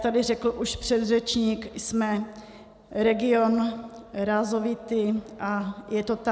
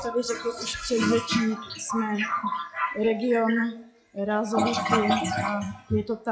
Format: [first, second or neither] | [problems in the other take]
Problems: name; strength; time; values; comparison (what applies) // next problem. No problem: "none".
first | noise reduction (classical method log-MMSE)